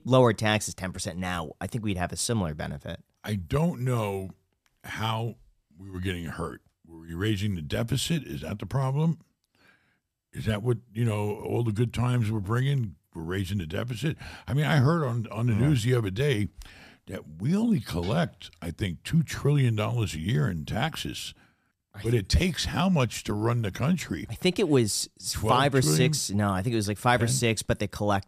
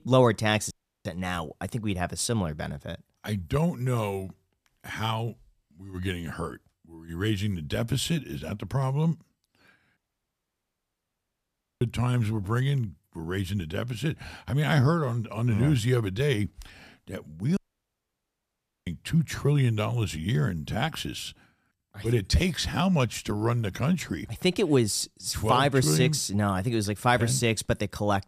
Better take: first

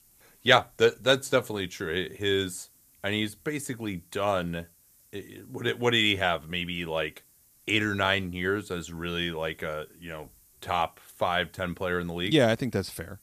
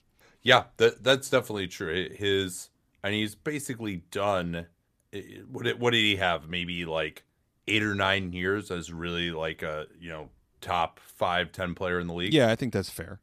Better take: second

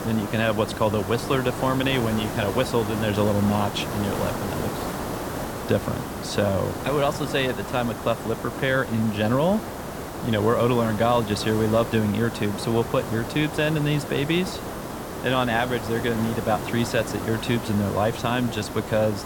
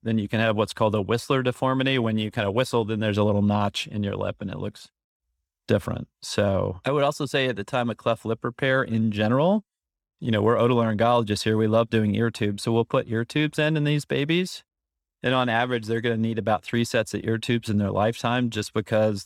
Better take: second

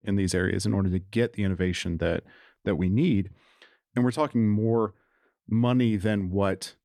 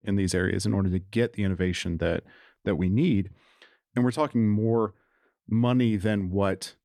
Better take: neither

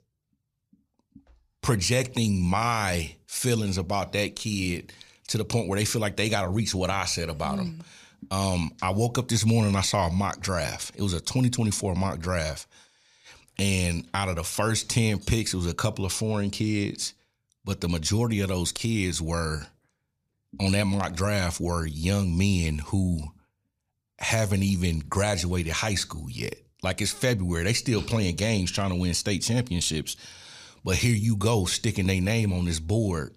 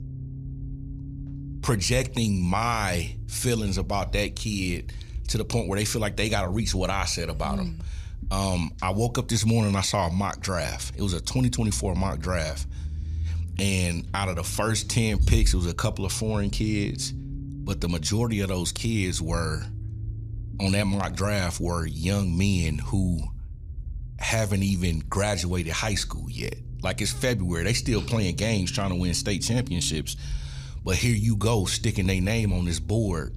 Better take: first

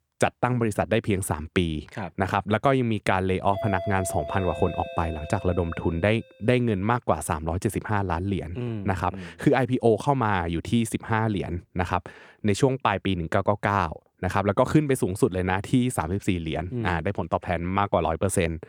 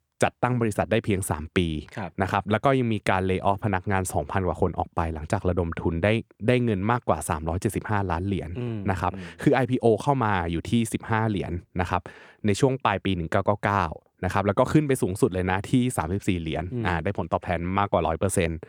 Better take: second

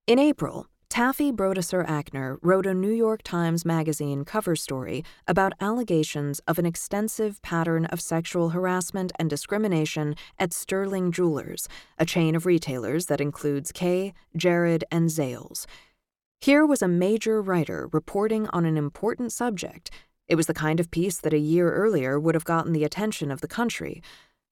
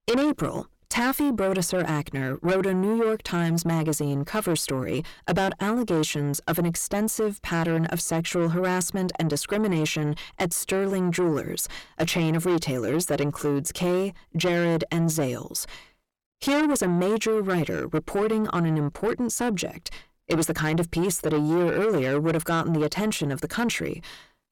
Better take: first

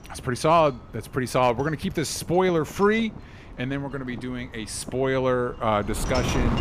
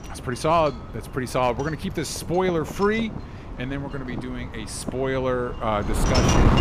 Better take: first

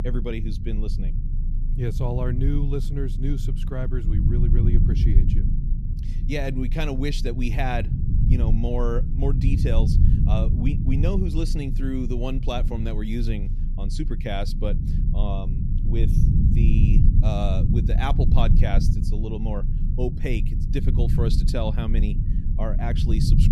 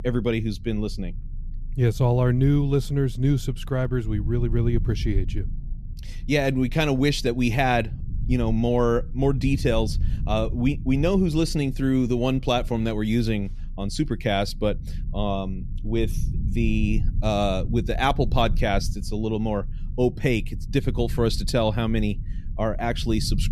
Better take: second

